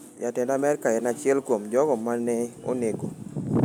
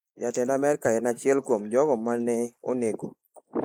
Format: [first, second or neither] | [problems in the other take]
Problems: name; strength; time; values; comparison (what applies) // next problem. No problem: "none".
first | noise reduction (neural mask model Resemble Enhance denoiser)